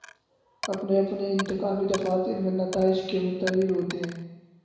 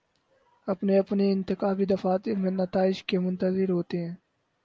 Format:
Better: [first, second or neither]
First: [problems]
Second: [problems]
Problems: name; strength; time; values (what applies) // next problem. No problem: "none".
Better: second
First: background sound (Coin (dropping)); 15 dB below the speech // room echo; dies away in 1 s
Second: none